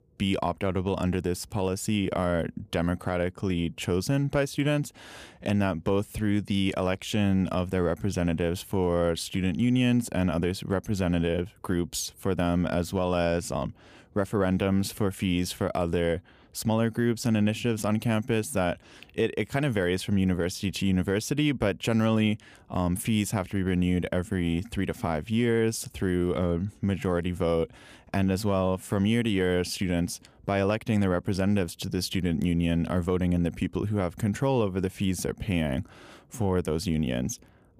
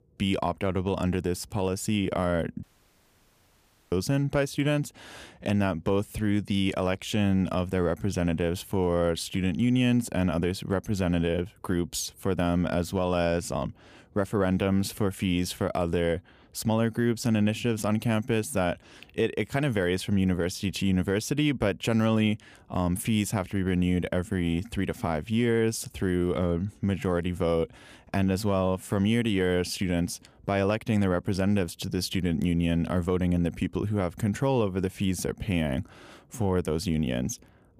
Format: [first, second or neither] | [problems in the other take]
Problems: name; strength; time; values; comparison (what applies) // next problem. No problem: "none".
first | audio cutting out; at 2.5 s for 1.5 s